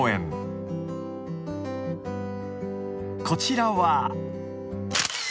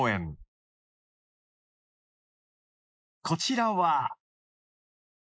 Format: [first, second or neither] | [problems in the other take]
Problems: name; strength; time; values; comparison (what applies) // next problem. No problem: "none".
first | noise reduction (neural mask model Resemble Enhance denoiser)